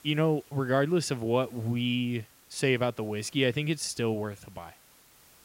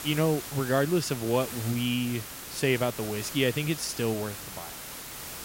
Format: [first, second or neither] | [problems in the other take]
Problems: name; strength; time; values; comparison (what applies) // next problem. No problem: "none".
first | hiss; loud; throughout; 9 dB below the speech; faint in the first